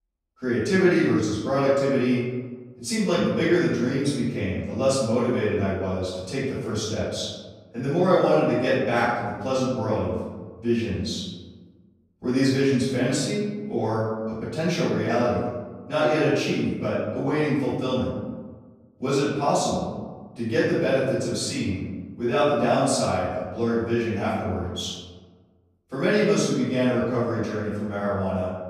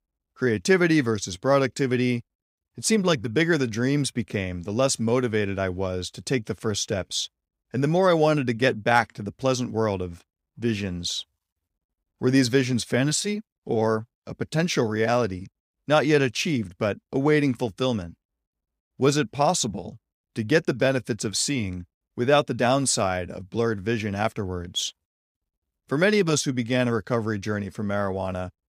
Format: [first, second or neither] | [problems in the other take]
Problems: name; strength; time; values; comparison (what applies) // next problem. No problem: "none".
second | off-mic speech; far // room echo; strong; dies away in 1.3 s